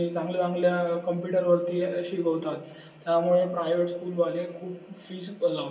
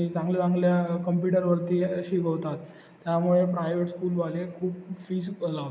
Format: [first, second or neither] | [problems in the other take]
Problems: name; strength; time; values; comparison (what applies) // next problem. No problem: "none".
second | room echo; dies away in 0.2 s